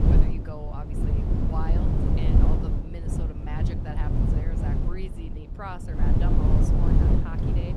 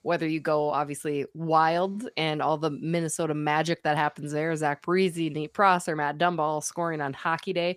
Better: second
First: wind noise on the microphone; heavy; 5 dB above the speech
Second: none

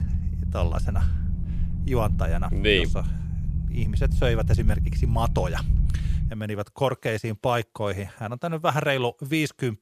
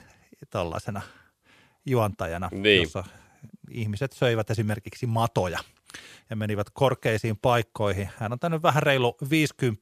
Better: second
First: low rumble; noticeable; until 6.5 s; 15 dB below the speech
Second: none

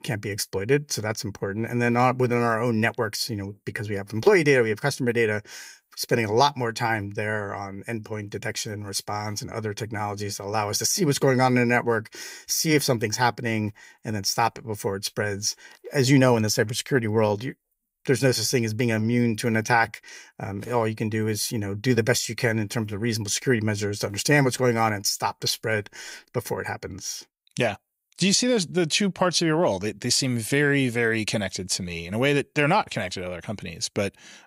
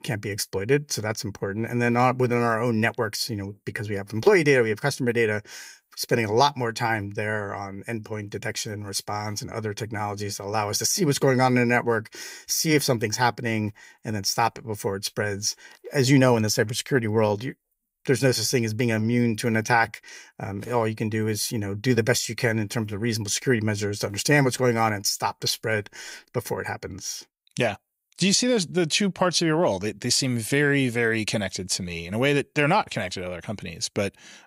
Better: neither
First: none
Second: none

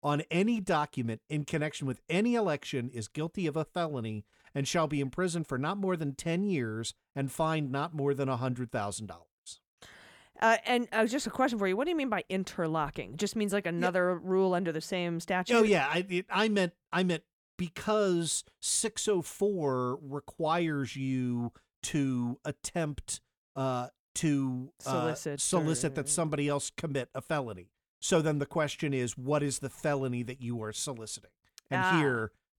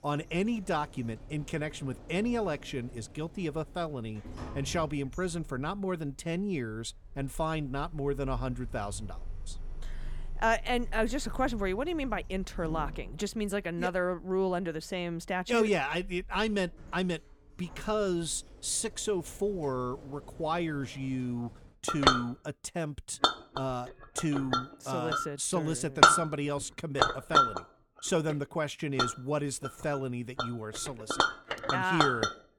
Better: first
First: none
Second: household noises; very loud; throughout; 2 dB above the speech

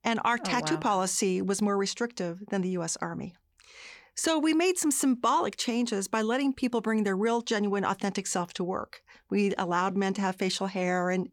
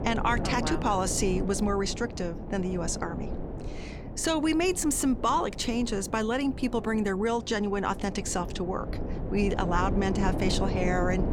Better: first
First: none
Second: wind noise on the microphone; occasional gusts; 10 dB below the speech

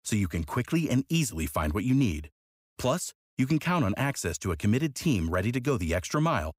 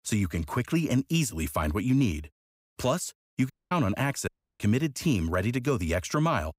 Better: first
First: none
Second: audio cutting out; at 3.5 s and at 4.5 s

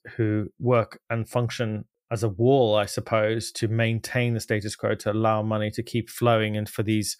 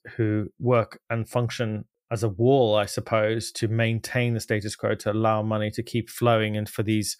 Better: neither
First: none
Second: none

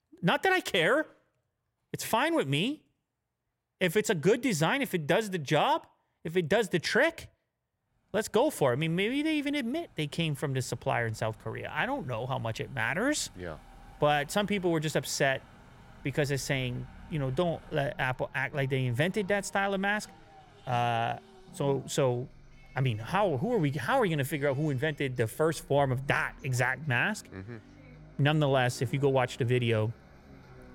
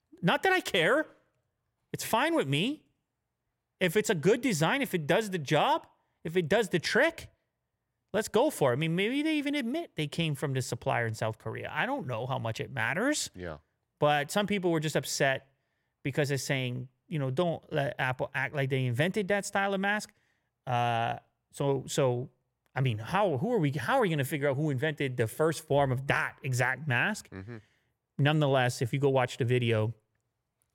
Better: second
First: traffic noise; faint; from 8 s on; 25 dB below the speech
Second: none

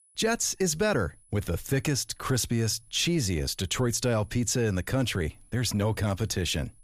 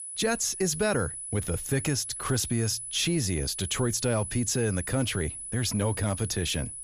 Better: first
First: high-pitched whine; faint; throughout; 10 kHz, 30 dB below the speech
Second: high-pitched whine; loud; throughout; 10 kHz, 7 dB below the speech

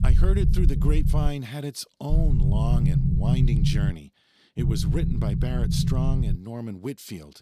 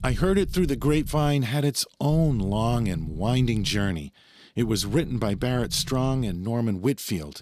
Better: second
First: low rumble; loud; until 1.5 s, from 2 to 4 s and from 4.5 to 6.5 s; 1 dB below the speech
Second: low rumble; faint; until 1.5 s, from 2 to 4 s and from 4.5 to 6.5 s; 25 dB below the speech

